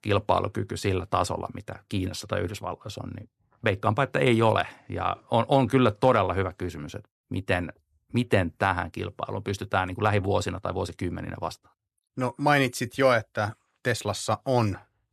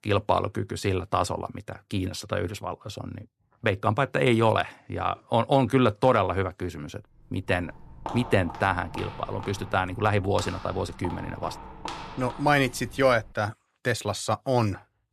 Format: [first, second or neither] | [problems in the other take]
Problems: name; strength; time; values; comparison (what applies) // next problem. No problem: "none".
first | footsteps; noticeable; from 7.5 to 13 s; peak 10 dB below the speech